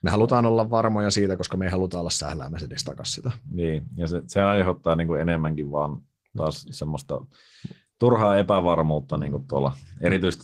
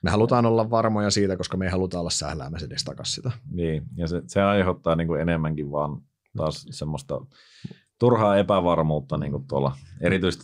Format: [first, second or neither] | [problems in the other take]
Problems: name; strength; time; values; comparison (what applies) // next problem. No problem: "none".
second | garbled, watery; slightly